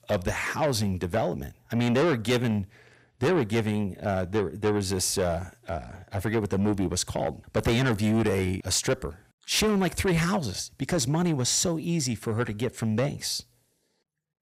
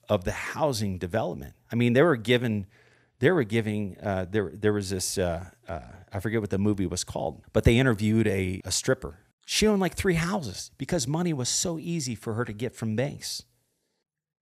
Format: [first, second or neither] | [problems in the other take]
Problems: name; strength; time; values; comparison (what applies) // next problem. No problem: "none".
second | distortion; heavy; 7 dB below the speech